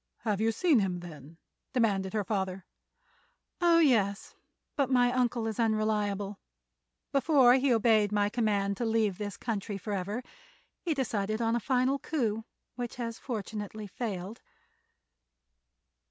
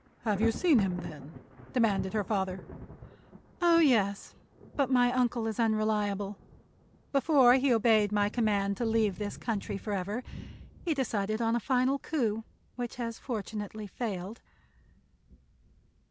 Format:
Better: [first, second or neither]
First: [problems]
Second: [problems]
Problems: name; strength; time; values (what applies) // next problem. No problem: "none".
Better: first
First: none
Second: background sound (Thunder); 17 dB below the speech